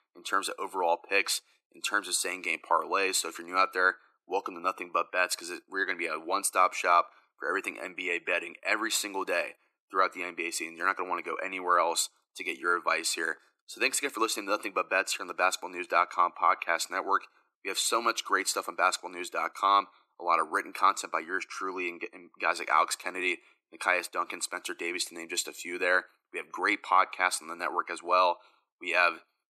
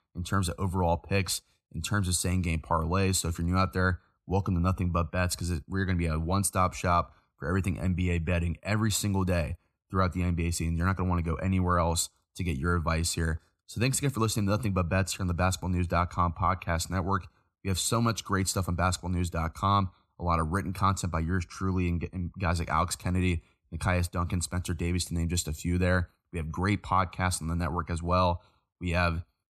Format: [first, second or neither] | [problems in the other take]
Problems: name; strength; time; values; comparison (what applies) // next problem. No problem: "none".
second | thin; very; fading below 350 Hz